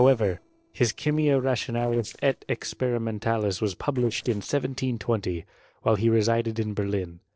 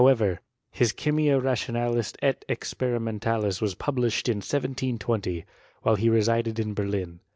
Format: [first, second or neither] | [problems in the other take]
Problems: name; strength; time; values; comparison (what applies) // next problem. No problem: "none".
second | noise reduction (neural separator model SepFormer DNS4)